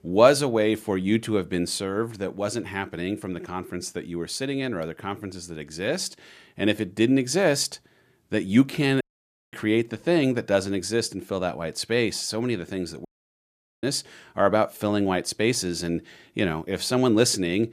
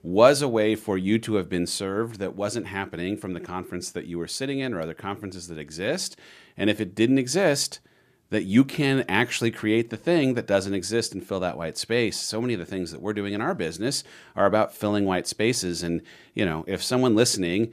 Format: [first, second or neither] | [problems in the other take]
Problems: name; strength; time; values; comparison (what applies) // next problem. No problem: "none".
second | audio cutting out; at 9 s for 0.5 s and at 13 s for 1 s